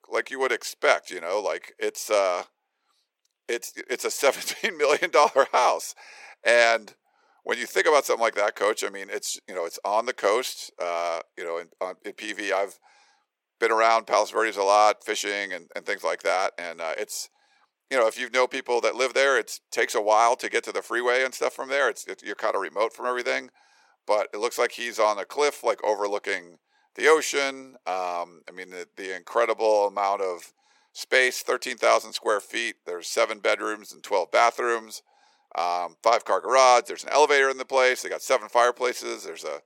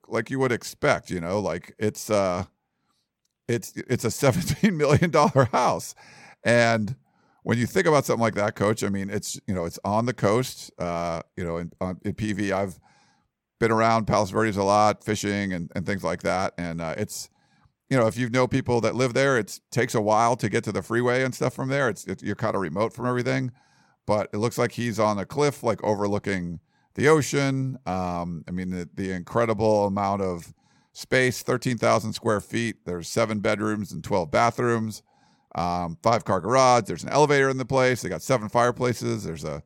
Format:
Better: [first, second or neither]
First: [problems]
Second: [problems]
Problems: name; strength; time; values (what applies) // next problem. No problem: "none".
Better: second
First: thin; very; fading below 400 Hz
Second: none